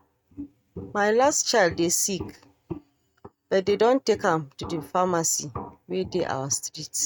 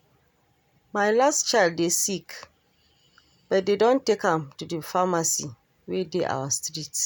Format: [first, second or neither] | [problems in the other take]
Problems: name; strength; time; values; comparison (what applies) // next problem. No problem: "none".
second | noise reduction (neural mask model RNNoise)